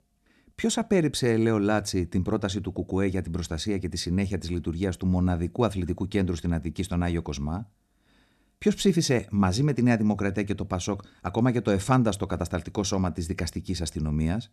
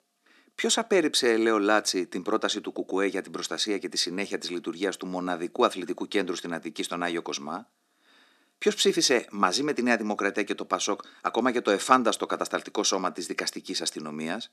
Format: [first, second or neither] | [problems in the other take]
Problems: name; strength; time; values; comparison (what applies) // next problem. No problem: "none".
first | thin; somewhat; fading below 300 Hz